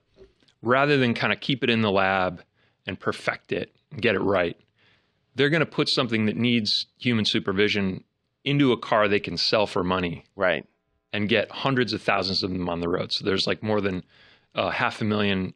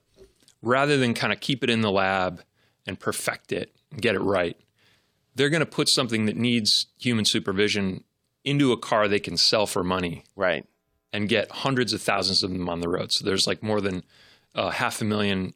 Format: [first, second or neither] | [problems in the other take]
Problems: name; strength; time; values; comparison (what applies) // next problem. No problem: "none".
second | muffled; very slightly; fading above 3 kHz